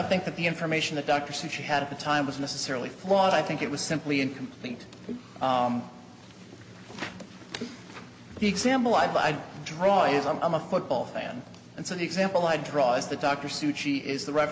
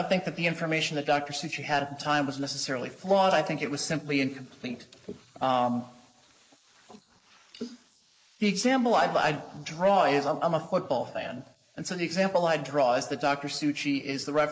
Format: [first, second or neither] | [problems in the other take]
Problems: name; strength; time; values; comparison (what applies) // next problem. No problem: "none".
first | noise reduction (neural mask model Resemble Enhance denoiser)